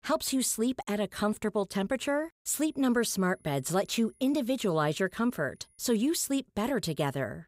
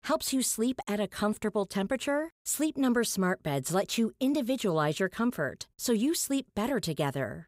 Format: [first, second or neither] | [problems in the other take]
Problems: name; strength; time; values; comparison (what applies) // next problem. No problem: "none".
second | high-pitched whine; faint; from 2.5 to 6 s; 10.5 kHz, 35 dB below the speech